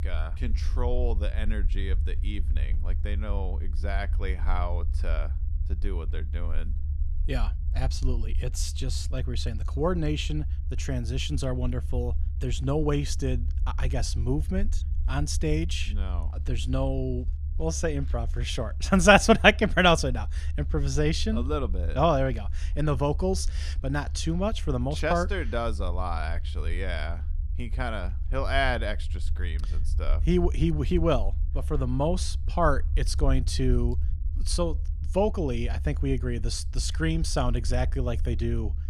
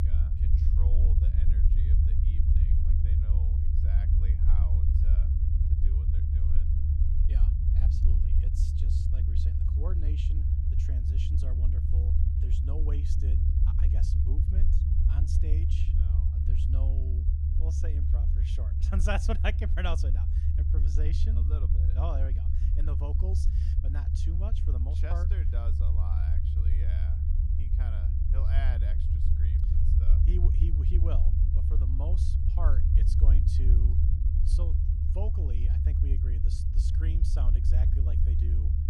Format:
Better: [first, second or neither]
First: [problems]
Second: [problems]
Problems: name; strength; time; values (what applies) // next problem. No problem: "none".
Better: first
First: low rumble; faint; throughout; 20 dB below the speech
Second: low rumble; loud; throughout; as loud as the speech